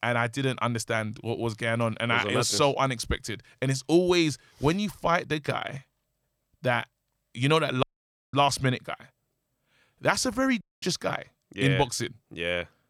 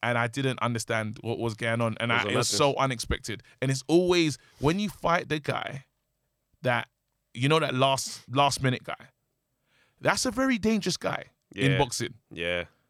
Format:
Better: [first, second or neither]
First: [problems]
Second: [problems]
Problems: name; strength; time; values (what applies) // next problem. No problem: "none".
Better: second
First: audio cutting out; at 8 s for 0.5 s and at 11 s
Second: none